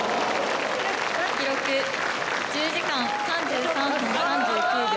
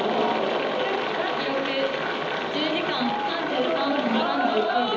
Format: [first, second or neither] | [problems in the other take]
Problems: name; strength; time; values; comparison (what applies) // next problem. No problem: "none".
first | room echo; dies away in 1.2 s